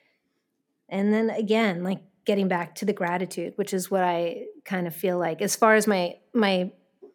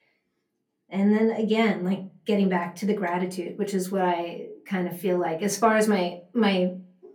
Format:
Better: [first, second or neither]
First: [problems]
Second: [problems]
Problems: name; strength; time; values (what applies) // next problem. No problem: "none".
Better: first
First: none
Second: off-mic speech; far // room echo; very slight; dies away in 0.3 s